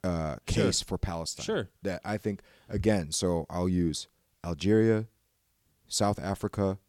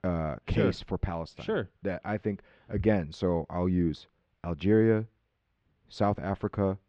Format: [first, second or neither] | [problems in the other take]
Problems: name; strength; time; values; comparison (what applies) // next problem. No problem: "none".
first | muffled; very; fading above 3 kHz